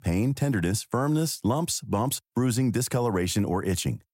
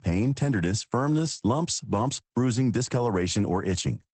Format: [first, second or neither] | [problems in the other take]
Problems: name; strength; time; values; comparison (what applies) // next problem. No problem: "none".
first | garbled, watery; badly; nothing above 8 kHz